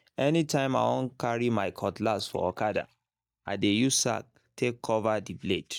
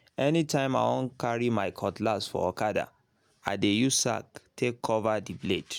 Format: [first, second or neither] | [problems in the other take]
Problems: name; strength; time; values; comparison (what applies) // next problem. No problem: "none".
second | noise reduction (neural mask model DeepFilterNet 3)